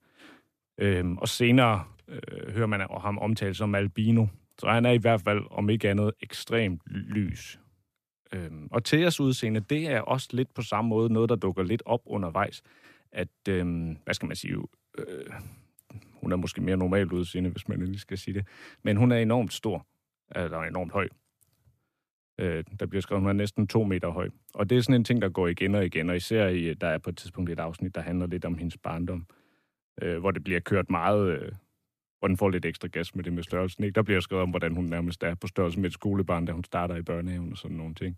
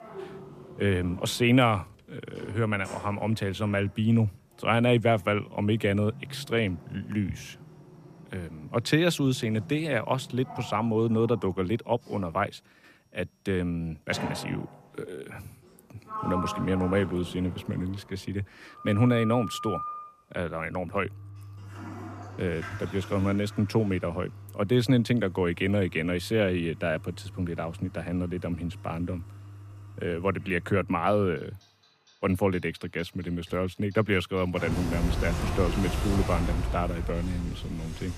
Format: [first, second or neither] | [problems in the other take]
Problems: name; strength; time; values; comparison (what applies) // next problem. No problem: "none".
first | household noises; noticeable; throughout; 10 dB below the speech